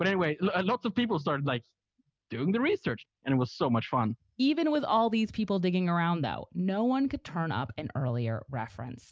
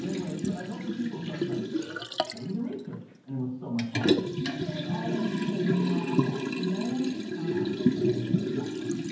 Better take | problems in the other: first | background sound (Liquid); 4 dB above the speech // room echo; dies away in 0.9 s

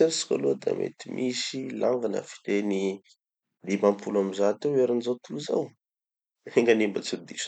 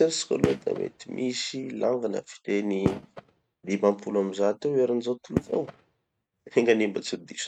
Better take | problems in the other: first | noise reduction (neural mask model RNNoise)

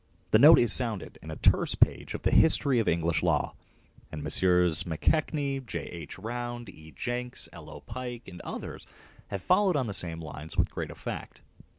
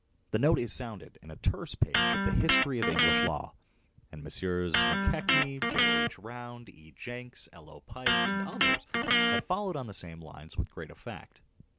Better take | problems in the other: first | background sound (Electric guitar); 4 dB above the speech

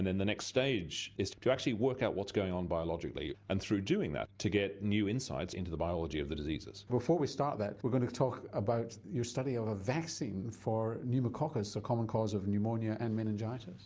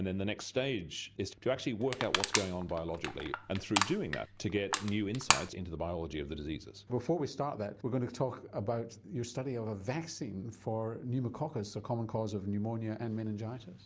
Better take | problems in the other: first | background sound (Crushing); as loud as the speech

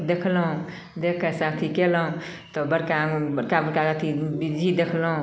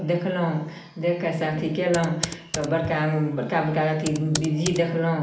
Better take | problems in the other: first | background sound (Computer keyboard); 12 dB below the speech // room echo; dies away in 0.4 s

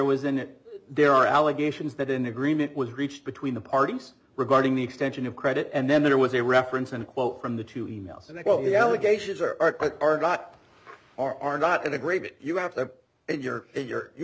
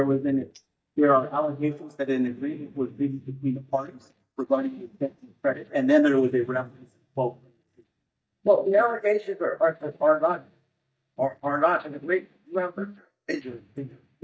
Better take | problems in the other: first | noise reduction (neural mask model DeepFilterNet 3)

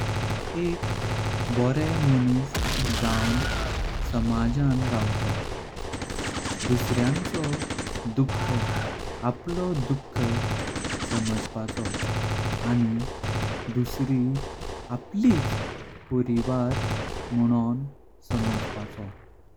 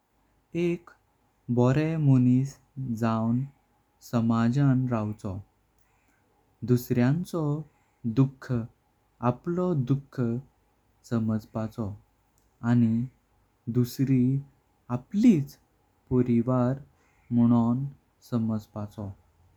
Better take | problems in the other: second | background sound (Gunshot, gunfire); 2 dB below the speech

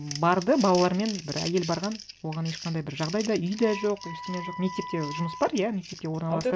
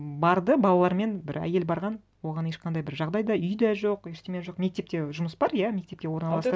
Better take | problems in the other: second | background sound (Wind instrument, woodwind instrument + Crumpling, crinkling); 12 dB below the speech

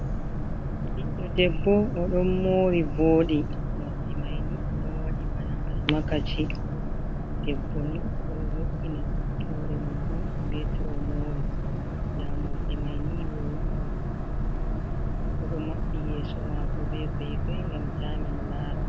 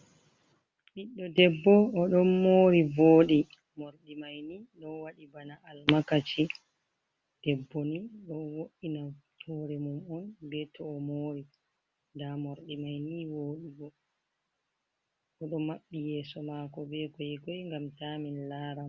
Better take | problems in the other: second | background sound (Boat, Water vehicle); 3 dB above the speech

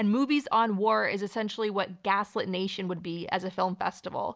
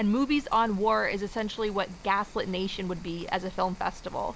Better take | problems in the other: first | background sound (Rain); 16 dB below the speech

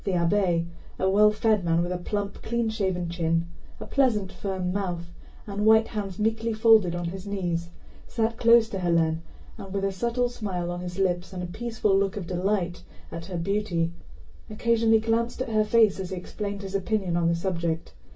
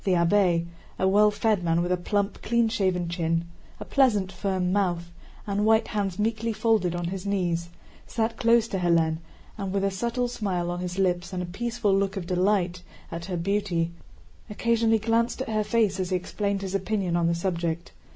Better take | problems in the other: second | room echo; dies away in 0.2 s

